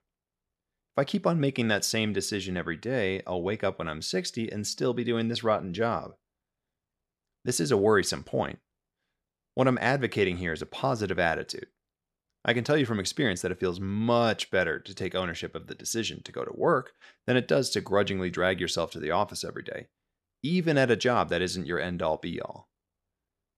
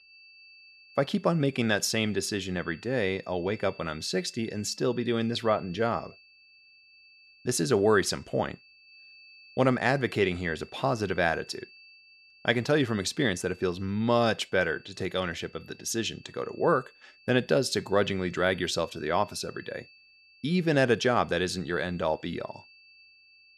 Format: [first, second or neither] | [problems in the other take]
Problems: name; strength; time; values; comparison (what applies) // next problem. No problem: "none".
first | high-pitched whine; faint; throughout; 2.5 kHz, 25 dB below the speech